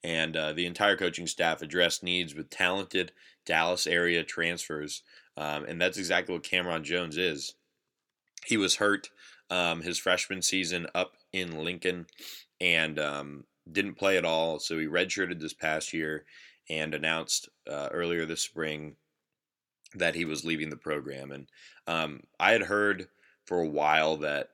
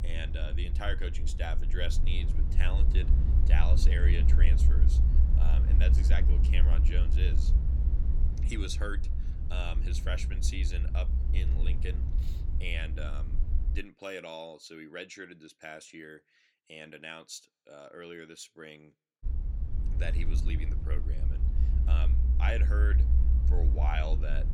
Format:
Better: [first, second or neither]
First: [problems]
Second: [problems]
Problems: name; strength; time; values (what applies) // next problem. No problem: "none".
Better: first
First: none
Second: low rumble; loud; until 14 s and from 19 s on; 7 dB below the speech